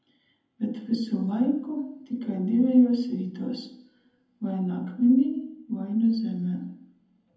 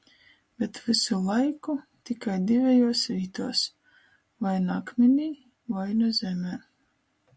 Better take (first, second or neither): second